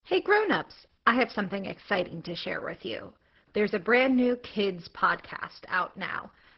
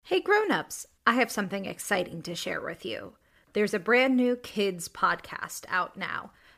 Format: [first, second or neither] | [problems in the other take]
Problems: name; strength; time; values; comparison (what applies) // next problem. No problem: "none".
second | garbled, watery; badly; nothing above 5.5 kHz